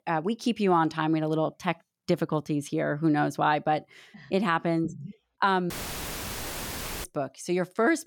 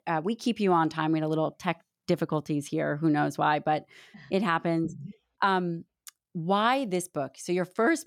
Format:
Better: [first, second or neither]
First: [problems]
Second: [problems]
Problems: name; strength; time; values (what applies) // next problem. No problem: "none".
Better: second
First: audio cutting out; filled with static; at 5.5 s for 1.5 s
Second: none